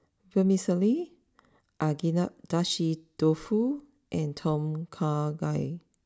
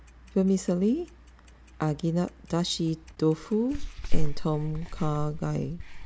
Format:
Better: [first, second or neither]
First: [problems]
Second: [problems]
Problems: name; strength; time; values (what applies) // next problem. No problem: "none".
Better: first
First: none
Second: background sound (Clock); as loud as the speech